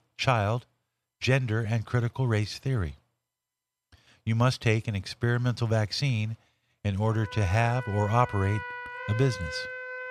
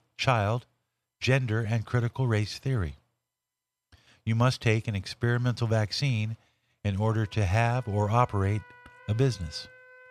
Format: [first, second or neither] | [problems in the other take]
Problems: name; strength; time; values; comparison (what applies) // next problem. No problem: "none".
second | background music; loud; from 7 s on; 10 dB below the speech; faint in the second